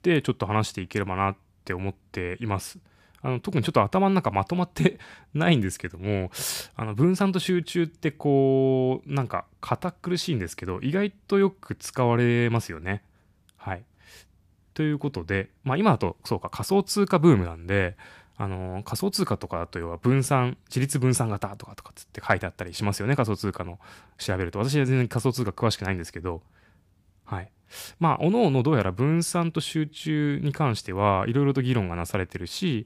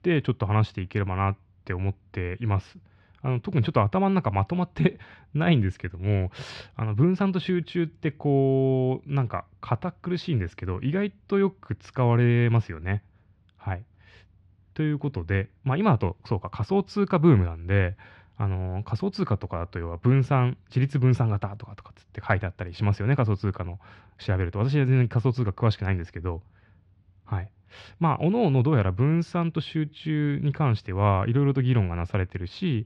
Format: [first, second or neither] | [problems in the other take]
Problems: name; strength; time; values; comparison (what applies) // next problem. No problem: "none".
first | muffled; slightly; fading above 3.5 kHz